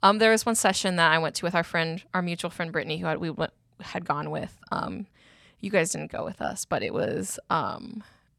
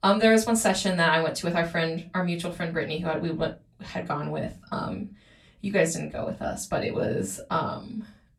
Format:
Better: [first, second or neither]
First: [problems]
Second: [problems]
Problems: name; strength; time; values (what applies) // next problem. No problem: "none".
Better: first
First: none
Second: off-mic speech; far // room echo; very slight; dies away in 0.2 s